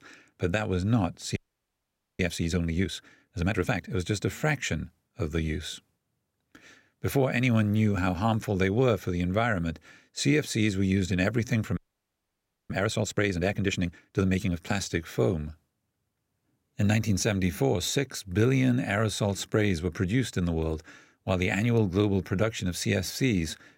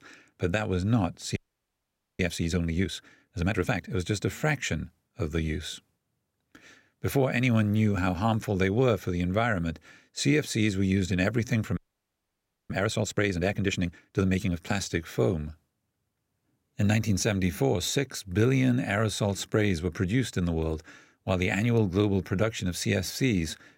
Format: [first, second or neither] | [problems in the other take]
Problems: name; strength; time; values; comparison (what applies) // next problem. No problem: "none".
neither | audio freezing; at 1.5 s for 1 s and at 12 s for 1 s; the same in both